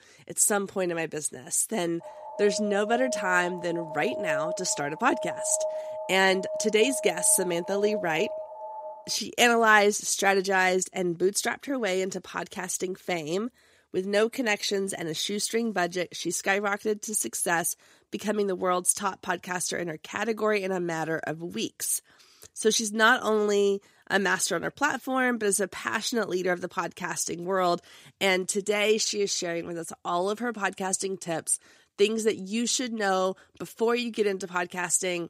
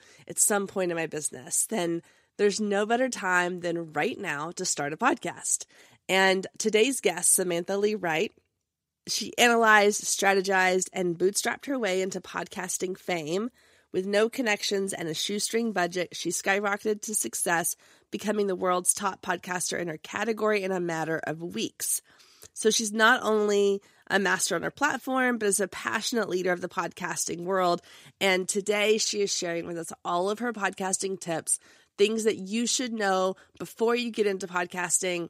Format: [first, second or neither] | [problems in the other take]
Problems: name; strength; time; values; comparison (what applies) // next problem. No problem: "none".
second | alarm; noticeable; from 2 to 9 s; peak 4 dB below the speech